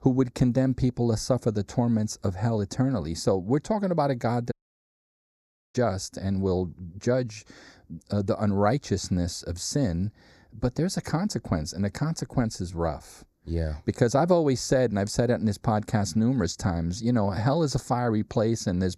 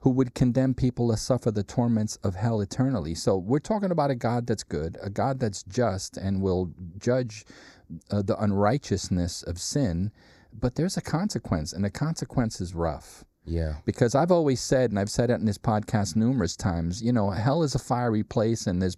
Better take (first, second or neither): second